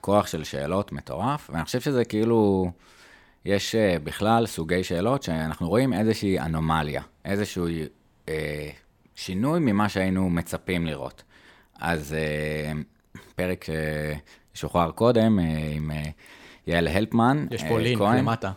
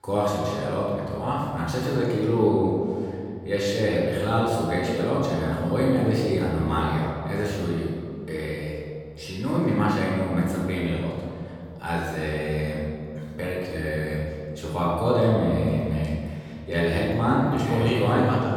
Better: first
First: none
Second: off-mic speech; far // room echo; strong; dies away in 2.4 s

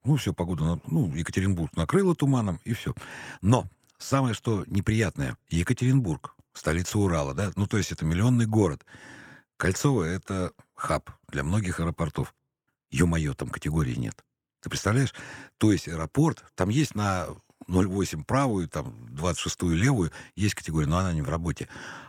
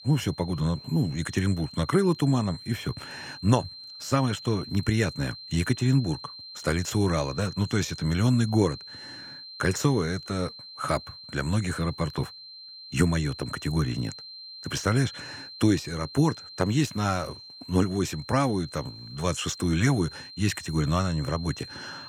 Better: first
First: none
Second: high-pitched whine; noticeable; throughout; 4 kHz, 15 dB below the speech

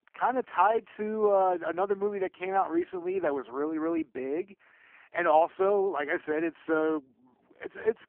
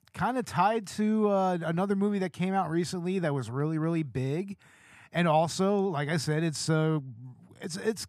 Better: second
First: phone-call audio; poor line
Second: none

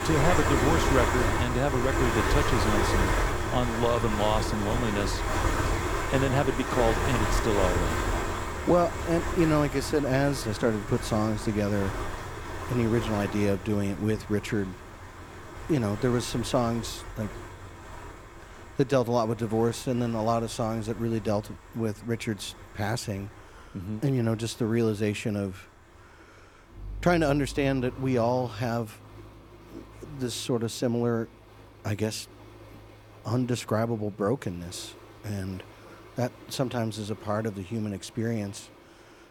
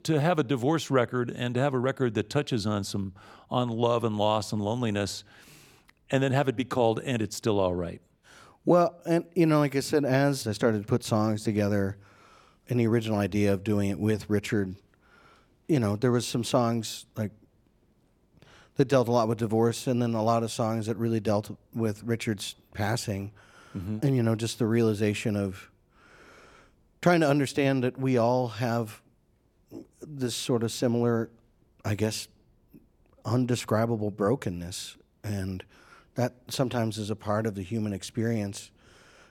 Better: second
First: rain or running water; loud; throughout; 2 dB below the speech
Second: none

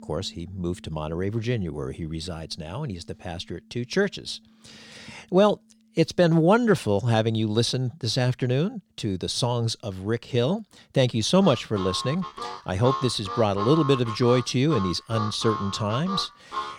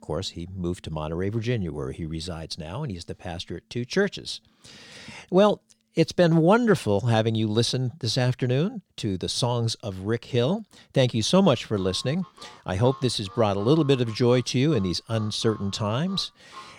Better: second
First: background music; loud; throughout; 9 dB below the speech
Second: background music; faint; throughout; 20 dB below the speech

